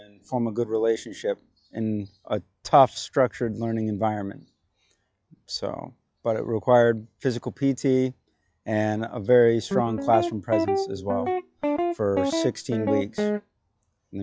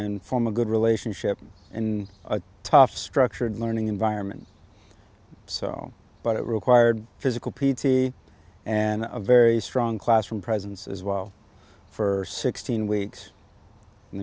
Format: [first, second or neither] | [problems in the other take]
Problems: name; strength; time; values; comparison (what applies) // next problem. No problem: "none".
second | noise reduction (classical method log-MMSE)